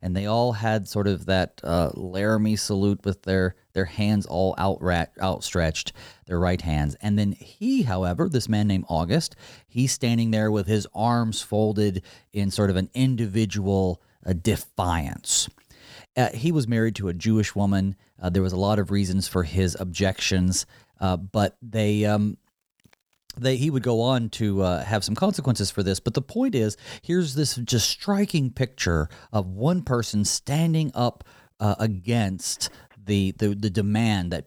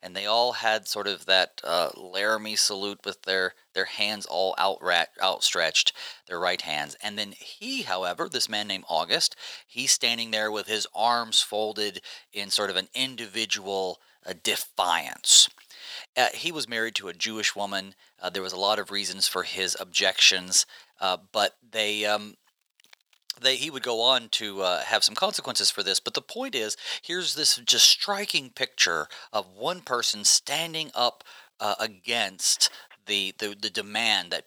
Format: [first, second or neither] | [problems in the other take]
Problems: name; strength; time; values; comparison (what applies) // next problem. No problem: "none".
first | thin; very; fading below 750 Hz